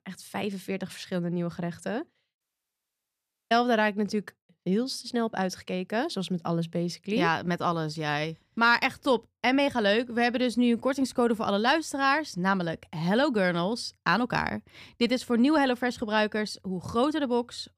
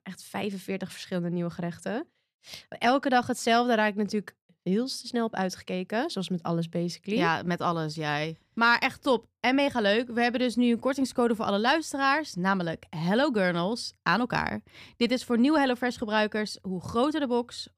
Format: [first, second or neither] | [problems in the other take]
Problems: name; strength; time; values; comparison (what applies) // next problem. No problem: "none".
second | audio cutting out; at 2.5 s for 1 s